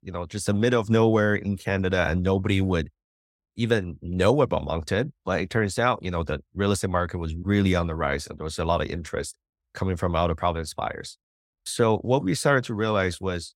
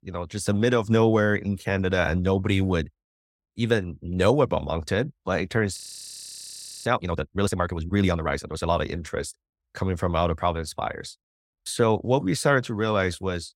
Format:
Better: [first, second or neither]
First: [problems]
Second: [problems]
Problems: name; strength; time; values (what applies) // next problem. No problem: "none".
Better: first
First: none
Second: audio freezing; at 6 s for 1 s